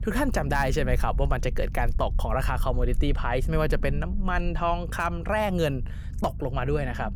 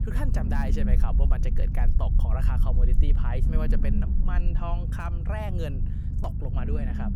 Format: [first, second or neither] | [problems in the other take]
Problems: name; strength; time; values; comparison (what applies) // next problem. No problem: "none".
first | low rumble; loud; throughout; 4 dB below the speech; faint in the first